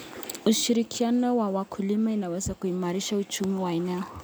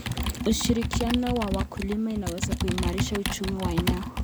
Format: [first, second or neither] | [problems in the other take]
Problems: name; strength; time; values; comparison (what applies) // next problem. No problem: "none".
first | background sound (Computer keyboard); as loud as the speech